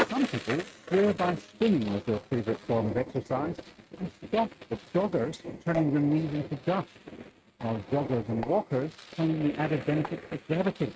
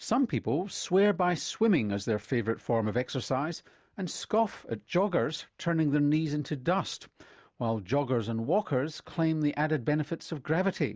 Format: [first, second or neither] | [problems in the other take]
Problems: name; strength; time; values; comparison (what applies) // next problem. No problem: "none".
second | noise reduction (neural mask model RNNoise)